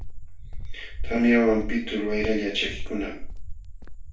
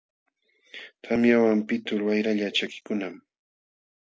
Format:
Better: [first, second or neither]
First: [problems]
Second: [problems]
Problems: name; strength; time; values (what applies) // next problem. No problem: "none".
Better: second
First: background sound (Cricket); 4 dB below the speech // room echo; dies away in 0.3 s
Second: none